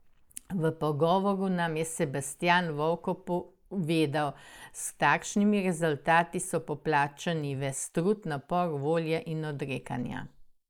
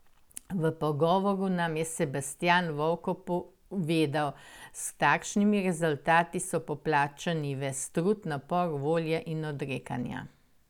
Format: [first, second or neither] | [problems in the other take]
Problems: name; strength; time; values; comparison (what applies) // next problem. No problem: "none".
second | noise reduction (neural mask model Resemble Enhance denoiser)